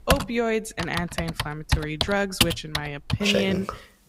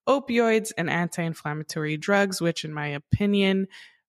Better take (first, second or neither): second